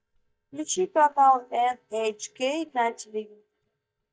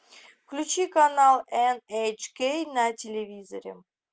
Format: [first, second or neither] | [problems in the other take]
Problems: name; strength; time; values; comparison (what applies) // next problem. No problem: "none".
second | noise reduction (neural mask model DeepFilterNet 3)